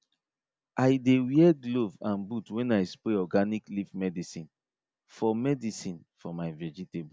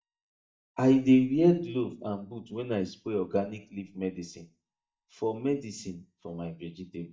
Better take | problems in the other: first | noise reduction (neural mask model DeepFilterNet 3)

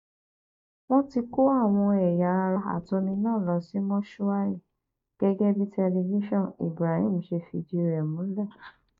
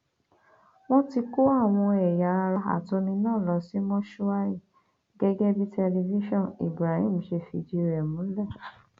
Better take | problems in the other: second | noise reduction (neural mask model DeepFilterNet 3)

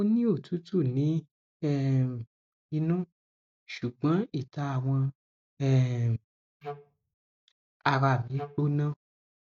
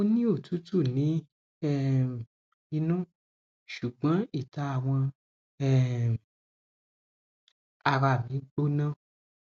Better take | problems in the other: second | noise reduction (neural mask model DeepFilterNet 3)

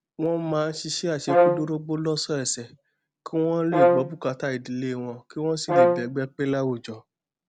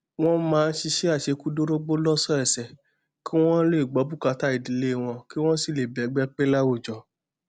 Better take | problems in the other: second | background sound (Brass instrument); 4 dB above the speech

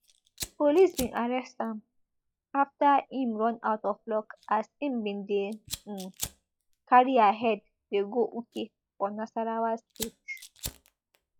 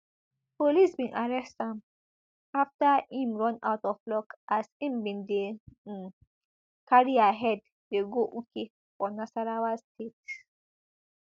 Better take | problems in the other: second | noise reduction (classical method log-MMSE)

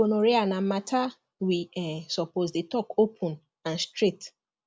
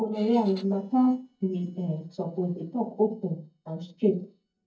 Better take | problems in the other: first | noise reduction (neural mask model DeepFilterNet 3)

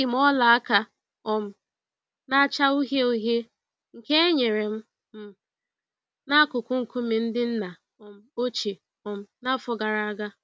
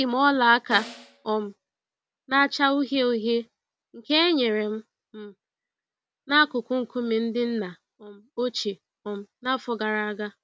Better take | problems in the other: first | background sound (Snare drum); 17 dB below the speech

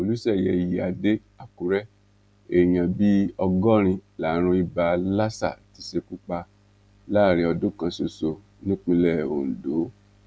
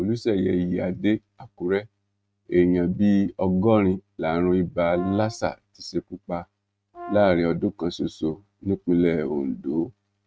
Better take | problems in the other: first | noise reduction (neural mask model RNNoise)

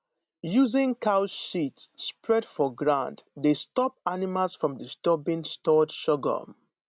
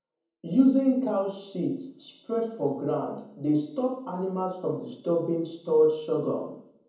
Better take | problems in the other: first | room echo; dies away in 0.7 s

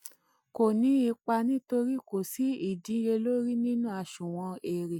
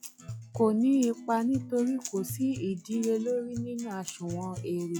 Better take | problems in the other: first | noise reduction (classical method log-MMSE)

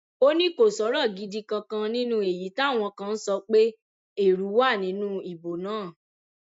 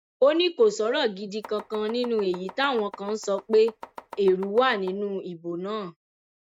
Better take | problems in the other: first | noise reduction (neural mask model RNNoise)

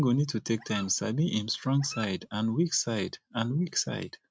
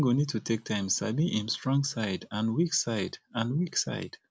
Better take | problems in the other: second | noise reduction (neural mask model RNNoise)

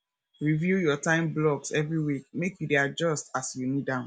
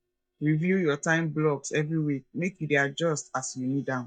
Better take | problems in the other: first | noise reduction (neural mask model DeepFilterNet 3)

